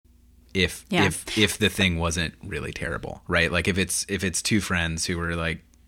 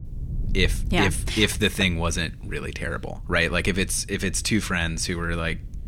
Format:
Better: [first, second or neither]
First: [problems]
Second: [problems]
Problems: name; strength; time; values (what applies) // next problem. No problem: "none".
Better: first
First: none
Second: wind noise on the microphone; occasional gusts; 25 dB below the speech